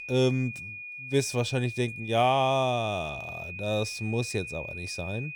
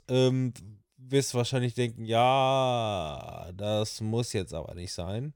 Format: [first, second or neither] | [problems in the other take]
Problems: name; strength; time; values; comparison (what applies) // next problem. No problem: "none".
second | high-pitched whine; loud; throughout; 2.5 kHz, 9 dB below the speech